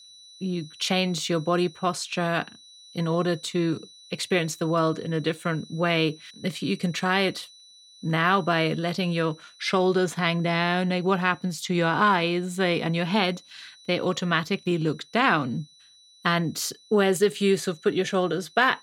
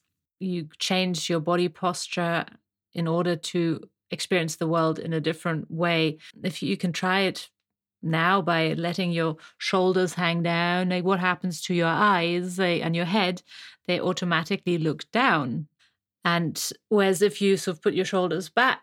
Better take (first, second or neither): second